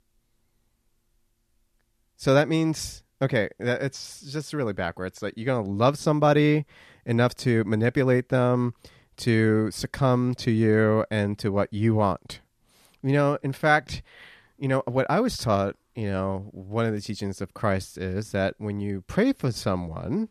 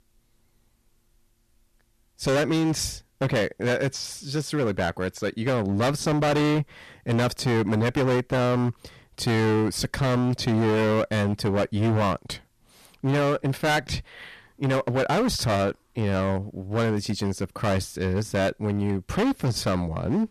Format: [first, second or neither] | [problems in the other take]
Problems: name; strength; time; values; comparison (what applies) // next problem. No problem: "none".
first | distortion; heavy; 18% of the sound clipped